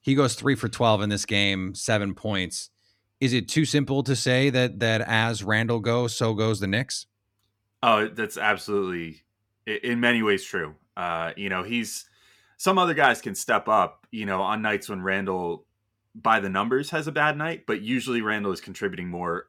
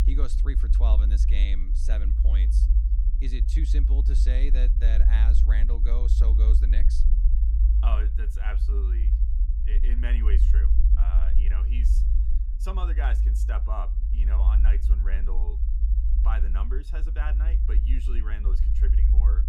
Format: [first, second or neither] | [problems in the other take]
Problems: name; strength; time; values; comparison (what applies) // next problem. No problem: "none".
first | low rumble; loud; throughout; 4 dB below the speech